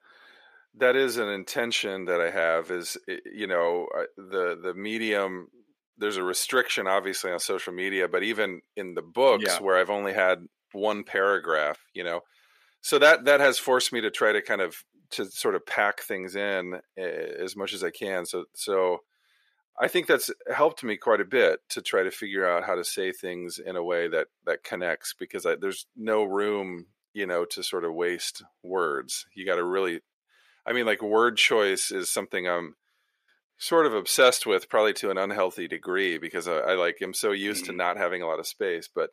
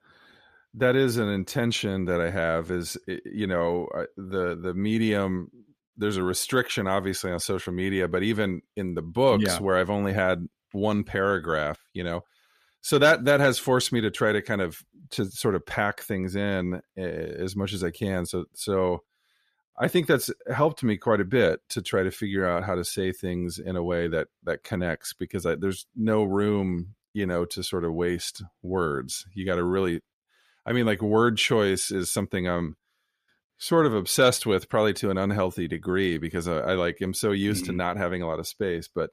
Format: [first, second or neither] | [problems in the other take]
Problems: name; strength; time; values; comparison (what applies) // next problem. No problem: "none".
second | thin; somewhat; fading below 450 Hz